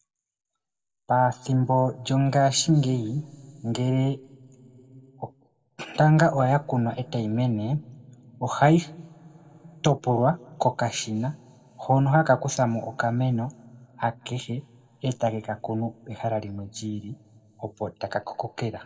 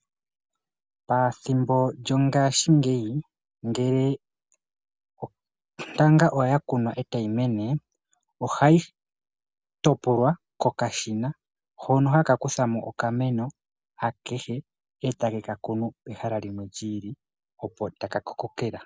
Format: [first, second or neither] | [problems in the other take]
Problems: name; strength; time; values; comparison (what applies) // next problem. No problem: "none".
second | room echo; dies away in 1 s